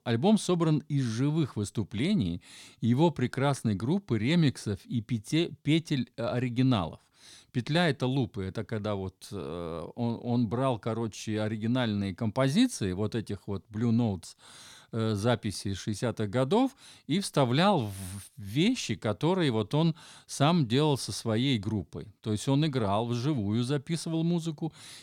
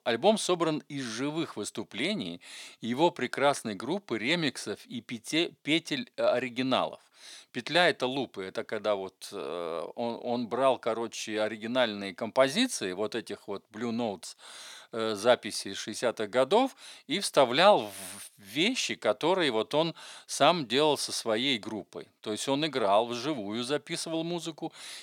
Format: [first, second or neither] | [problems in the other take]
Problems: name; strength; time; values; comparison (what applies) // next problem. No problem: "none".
first | thin; somewhat; fading below 400 Hz